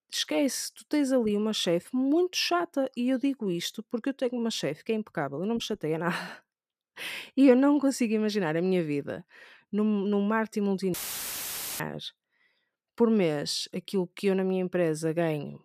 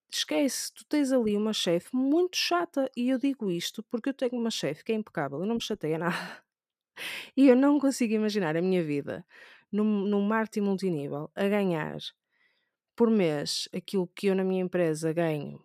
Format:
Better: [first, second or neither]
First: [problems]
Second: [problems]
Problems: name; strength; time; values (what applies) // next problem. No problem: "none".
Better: second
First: audio cutting out; filled with static; at 11 s for 1 s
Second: none